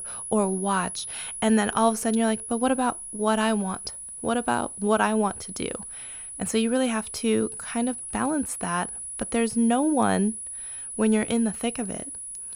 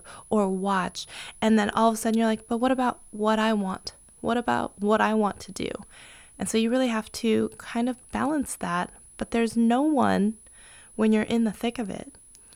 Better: second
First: high-pitched whine; loud; throughout; 10 kHz, 8 dB below the speech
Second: high-pitched whine; faint; throughout; 10 kHz, 25 dB below the speech

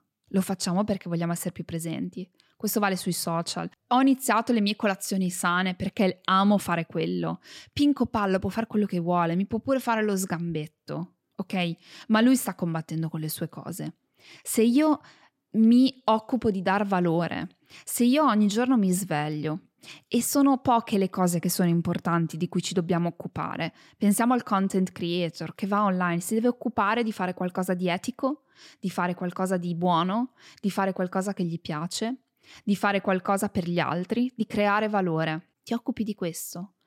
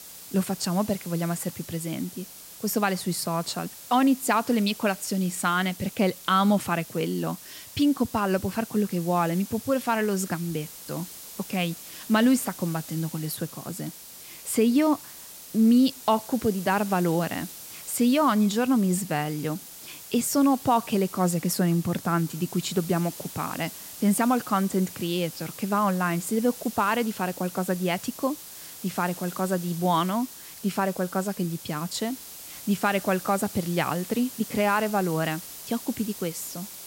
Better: first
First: none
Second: hiss; noticeable; throughout; 15 dB below the speech

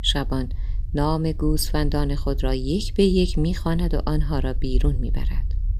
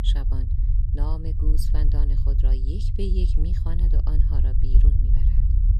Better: first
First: low rumble; faint; throughout; 25 dB below the speech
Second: low rumble; loud; throughout; 2 dB below the speech

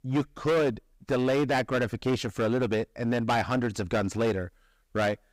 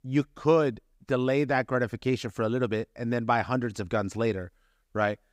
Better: second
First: distortion; heavy; 14% of the sound clipped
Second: none

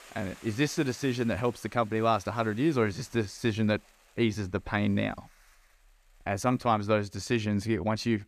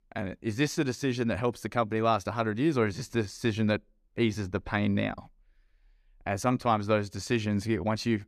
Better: second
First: hiss; faint; throughout; 25 dB below the speech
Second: none

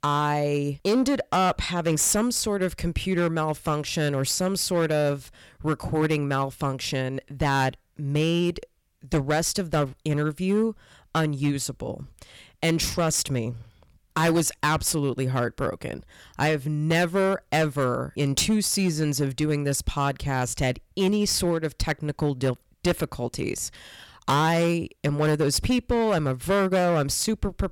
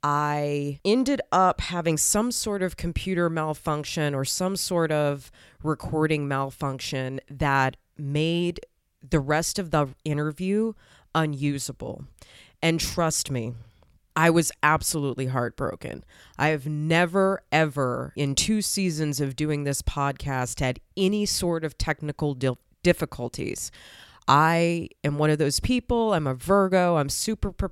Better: second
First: distortion; slight; 7% of the sound clipped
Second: none

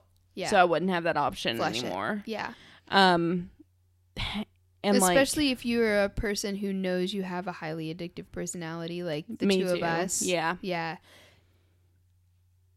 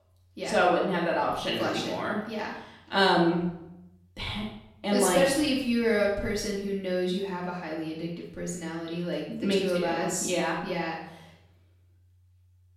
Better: first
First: none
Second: off-mic speech; far // room echo; noticeable; dies away in 0.6 s

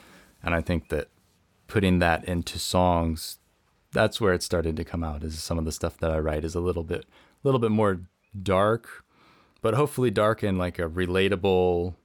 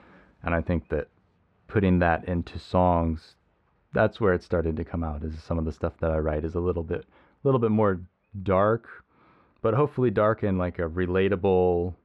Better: first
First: none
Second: muffled; very; fading above 2 kHz

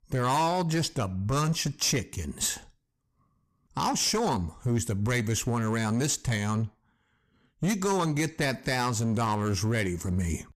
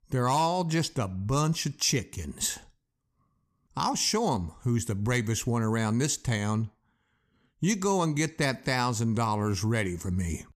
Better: second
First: distortion; slight; 9% of the sound clipped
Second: none

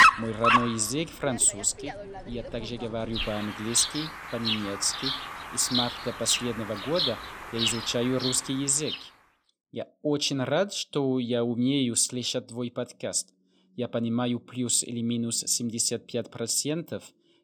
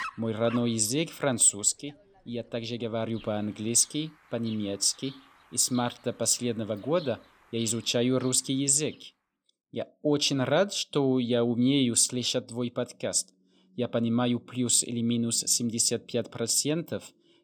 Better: second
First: animal sounds; loud; until 8.5 s; 1 dB below the speech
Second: animal sounds; faint; until 8.5 s; 20 dB below the speech

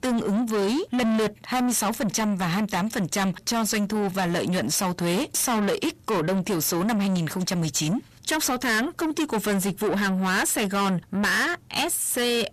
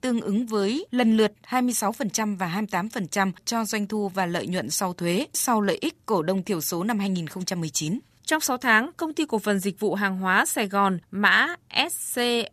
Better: second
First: distortion; heavy; 6 dB below the speech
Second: none

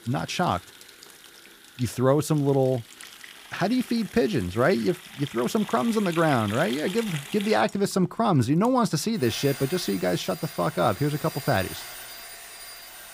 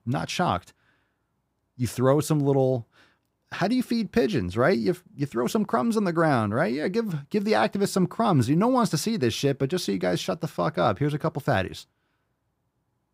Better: second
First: household noises; noticeable; throughout; 15 dB below the speech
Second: none

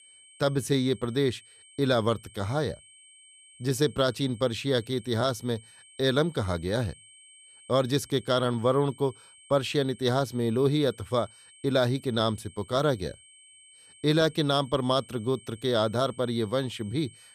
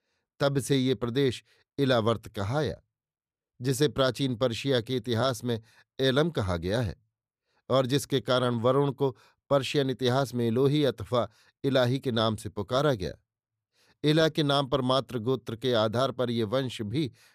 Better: second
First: high-pitched whine; faint; throughout; 3 kHz, 25 dB below the speech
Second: none

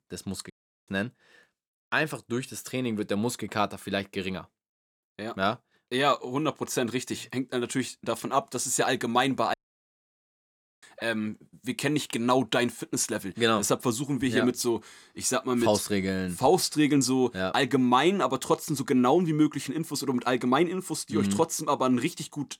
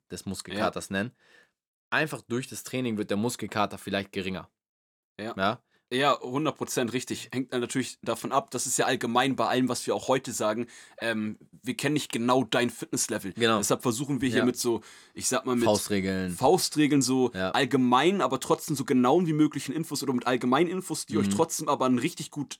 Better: second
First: audio cutting out; at 0.5 s and at 9.5 s for 1.5 s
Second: none

